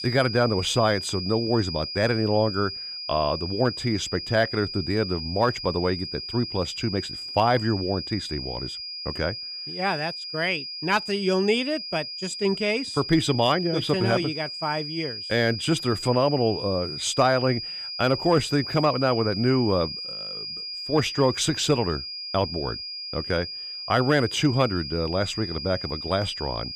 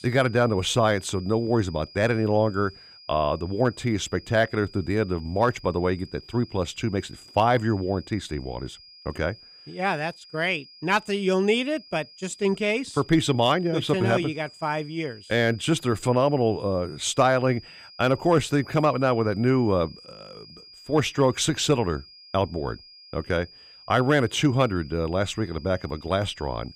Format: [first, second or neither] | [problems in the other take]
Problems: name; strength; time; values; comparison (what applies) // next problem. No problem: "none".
second | high-pitched whine; loud; throughout; 5 kHz, 7 dB below the speech; faint in the second